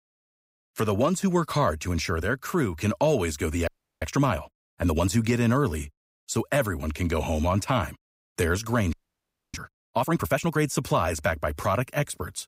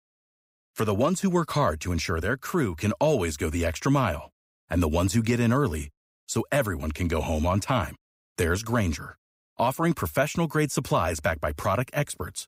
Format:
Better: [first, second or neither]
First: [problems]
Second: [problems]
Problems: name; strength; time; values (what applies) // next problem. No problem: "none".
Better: second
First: audio freezing; at 3.5 s and at 9 s for 0.5 s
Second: none